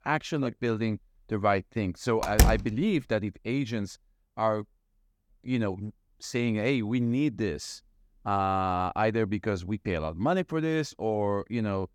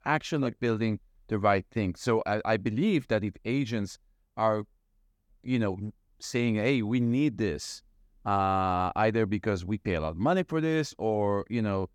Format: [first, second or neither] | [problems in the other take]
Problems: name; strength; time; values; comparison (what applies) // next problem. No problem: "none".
second | door banging; loud; at 2 s; peak 5 dB above the speech